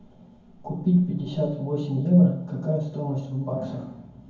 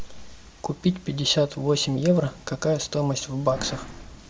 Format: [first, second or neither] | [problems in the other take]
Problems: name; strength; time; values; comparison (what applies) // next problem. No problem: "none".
second | room echo; dies away in 0.9 s